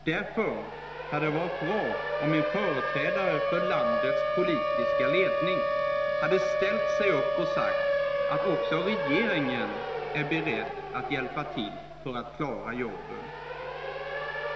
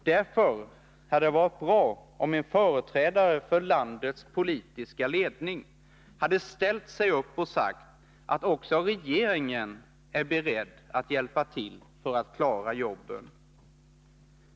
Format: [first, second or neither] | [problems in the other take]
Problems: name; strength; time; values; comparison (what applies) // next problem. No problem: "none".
second | background sound (Siren); 2 dB above the speech // room echo; dies away in 1.4 s